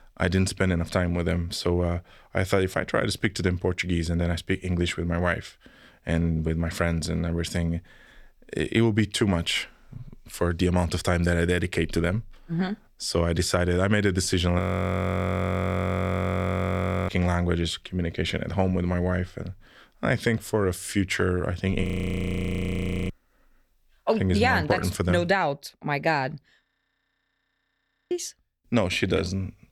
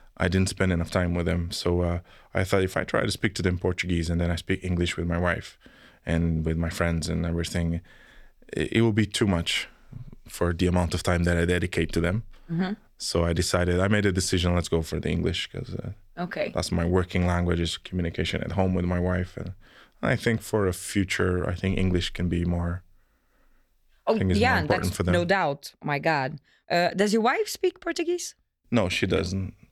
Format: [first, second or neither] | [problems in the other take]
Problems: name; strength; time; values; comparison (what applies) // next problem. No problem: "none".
second | audio freezing; at 15 s for 2.5 s, at 22 s for 1.5 s and at 27 s for 1.5 s